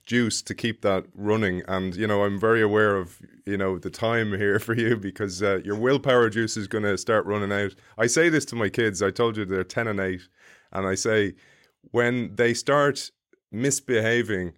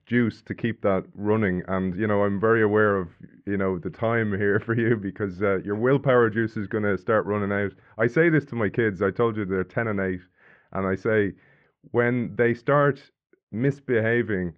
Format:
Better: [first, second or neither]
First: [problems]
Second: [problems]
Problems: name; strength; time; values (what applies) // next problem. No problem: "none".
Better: first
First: none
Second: muffled; very; fading above 2 kHz